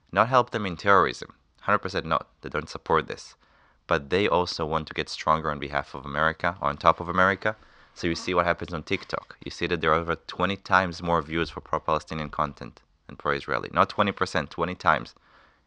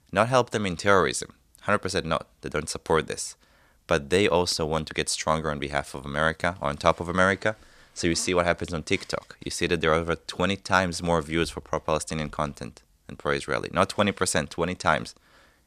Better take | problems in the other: second | muffled; very slightly; fading above 5 kHz

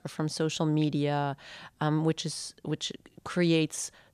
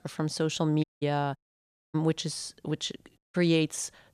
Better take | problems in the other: first | audio cutting out; at 1 s, at 1.5 s for 0.5 s and at 3 s

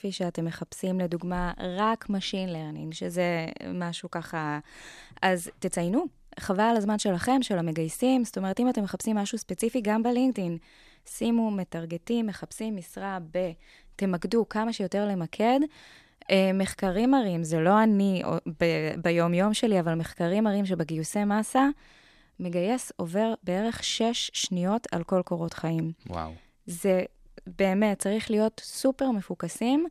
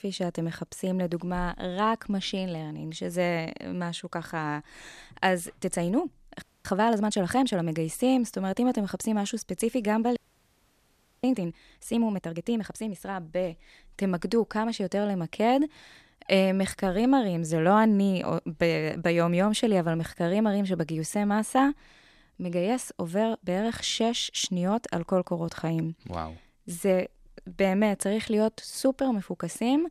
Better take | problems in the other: first | audio freezing; at 6.5 s and at 10 s for 1 s

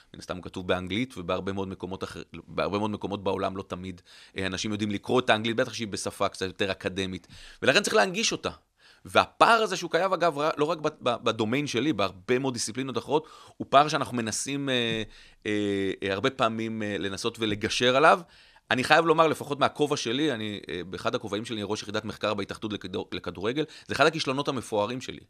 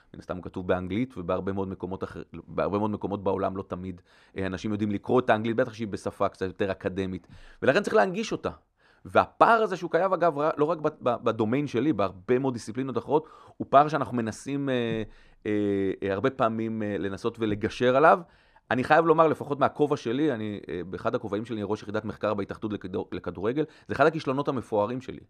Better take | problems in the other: first | muffled; slightly; fading above 2 kHz

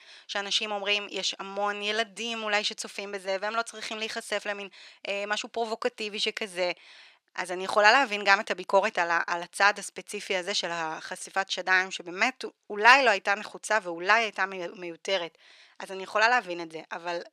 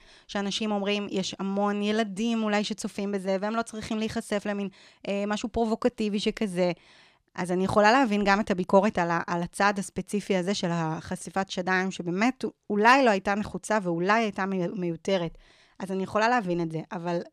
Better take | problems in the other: second | thin; very; fading below 500 Hz

